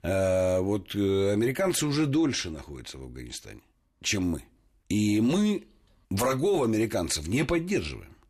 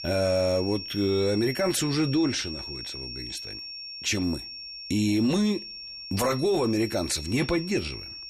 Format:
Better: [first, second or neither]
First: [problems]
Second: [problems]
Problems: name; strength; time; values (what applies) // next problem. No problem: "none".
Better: first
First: none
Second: high-pitched whine; loud; throughout; 5.5 kHz, 10 dB below the speech